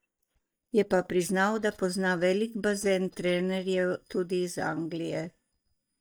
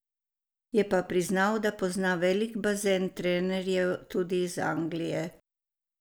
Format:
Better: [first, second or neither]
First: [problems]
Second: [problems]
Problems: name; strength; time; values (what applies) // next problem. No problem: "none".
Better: second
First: noise reduction (neural mask model DeepFilterNet 3)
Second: none